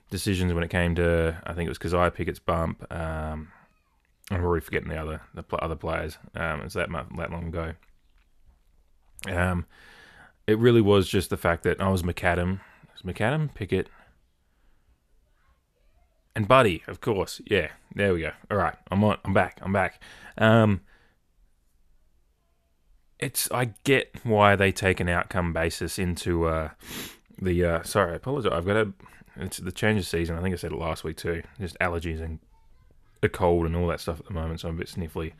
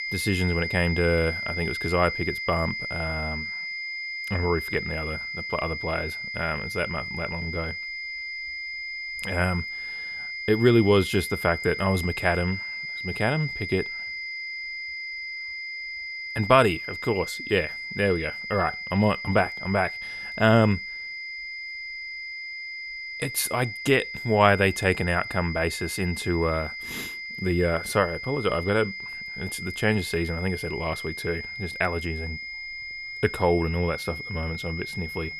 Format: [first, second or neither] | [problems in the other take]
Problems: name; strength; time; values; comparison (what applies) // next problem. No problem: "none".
first | high-pitched whine; loud; throughout; 2 kHz, 6 dB below the speech